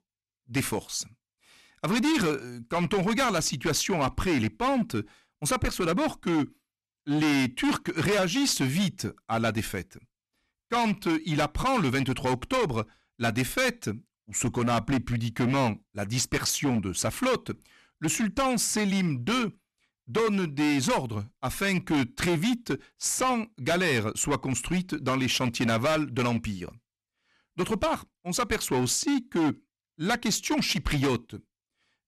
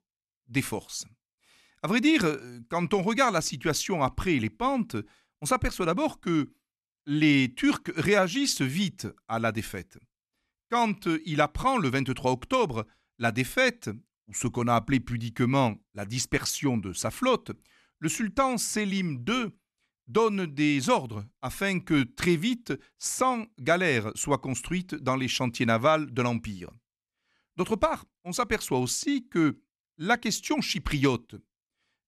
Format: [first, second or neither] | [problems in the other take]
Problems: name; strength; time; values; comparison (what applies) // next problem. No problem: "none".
second | distortion; heavy; 13% of the sound clipped